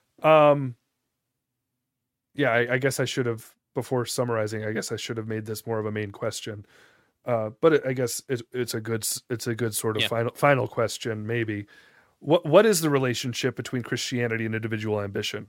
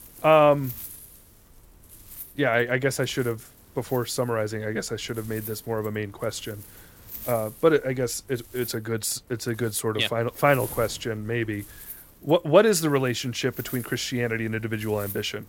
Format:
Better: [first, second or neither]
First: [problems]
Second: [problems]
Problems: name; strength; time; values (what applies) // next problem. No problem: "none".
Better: first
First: none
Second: wind noise on the microphone; occasional gusts; 25 dB below the speech